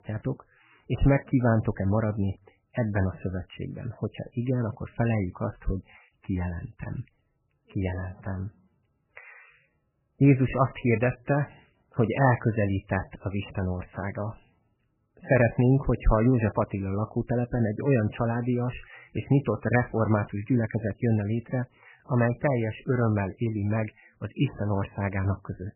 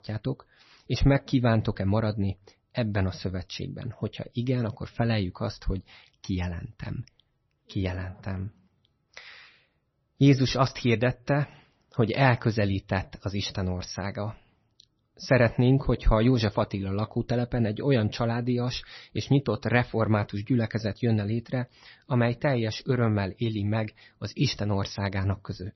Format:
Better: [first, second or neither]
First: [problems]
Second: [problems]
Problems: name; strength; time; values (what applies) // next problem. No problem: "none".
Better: second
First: garbled, watery; badly; nothing above 3 kHz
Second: garbled, watery; slightly; nothing above 6 kHz